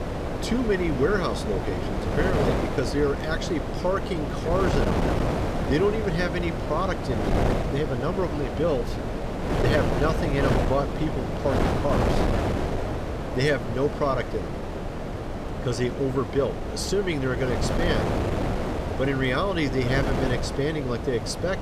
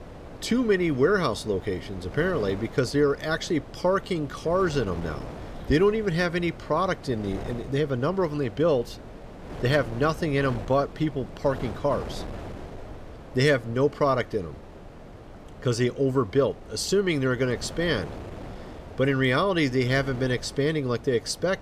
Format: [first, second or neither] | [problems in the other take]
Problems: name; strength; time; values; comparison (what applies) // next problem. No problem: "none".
second | wind noise on the microphone; heavy; 2 dB below the speech; occasional gusts in the second